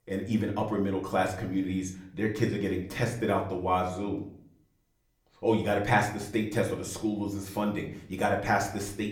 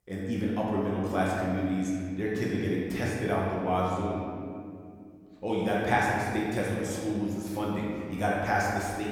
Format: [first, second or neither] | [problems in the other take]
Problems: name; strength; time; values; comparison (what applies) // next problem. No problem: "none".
first | room echo; strong; dies away in 2 s; slight in the first // off-mic speech; far; far in the first